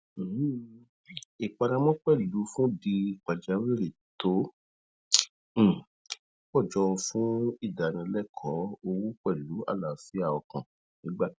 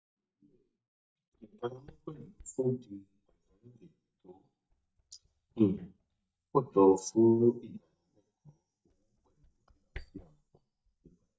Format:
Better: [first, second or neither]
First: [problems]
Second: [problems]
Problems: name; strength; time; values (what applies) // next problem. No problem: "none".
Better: first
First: none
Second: noise reduction (neural mask model DeepFilterNet 3)